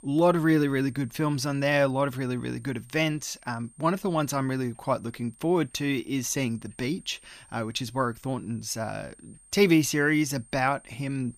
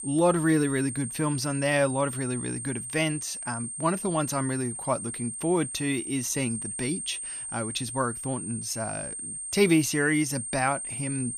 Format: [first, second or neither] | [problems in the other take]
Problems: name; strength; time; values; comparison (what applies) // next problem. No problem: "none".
first | high-pitched whine; loud; throughout; 8.5 kHz, 6 dB below the speech; faint in the first